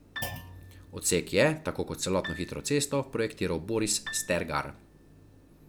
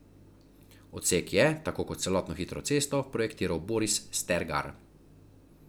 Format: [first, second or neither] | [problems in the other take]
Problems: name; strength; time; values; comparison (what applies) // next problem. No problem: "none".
second | background sound (Thump, thud + Piano); 15 dB below the speech